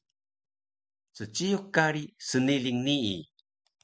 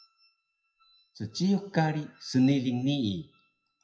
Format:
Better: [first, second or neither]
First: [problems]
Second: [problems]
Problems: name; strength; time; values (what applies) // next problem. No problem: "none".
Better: first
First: none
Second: noise reduction (classical method WPE with log-MMSE)